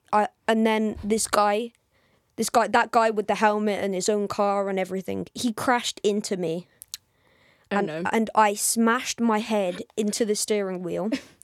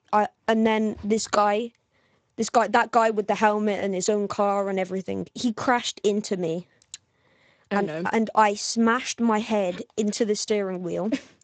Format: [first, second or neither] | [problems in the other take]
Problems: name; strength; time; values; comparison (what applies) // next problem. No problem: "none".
first | garbled, watery; slightly; nothing above 7.5 kHz